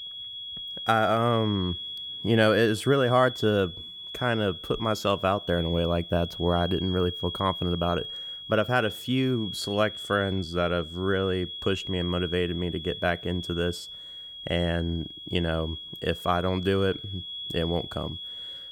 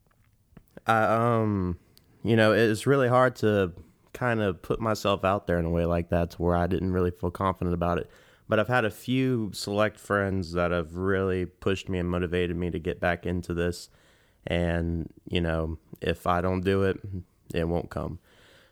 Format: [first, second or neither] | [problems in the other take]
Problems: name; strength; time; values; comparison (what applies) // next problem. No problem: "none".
second | high-pitched whine; loud; throughout; 3.5 kHz, 9 dB below the speech